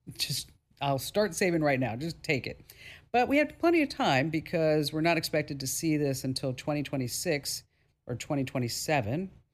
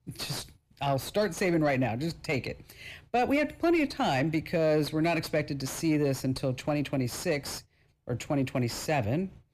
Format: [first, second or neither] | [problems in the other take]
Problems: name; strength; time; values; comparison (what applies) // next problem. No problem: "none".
first | distortion; slight; 10 dB below the speech